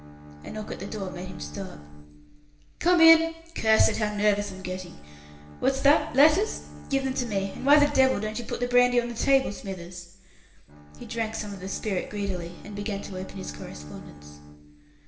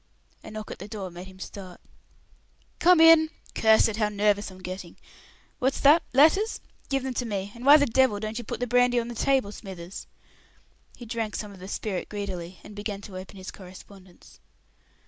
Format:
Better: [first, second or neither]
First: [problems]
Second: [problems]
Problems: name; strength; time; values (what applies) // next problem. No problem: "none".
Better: second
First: background sound (Bowed string instrument); 17 dB below the speech // room echo; dies away in 0.9 s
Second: none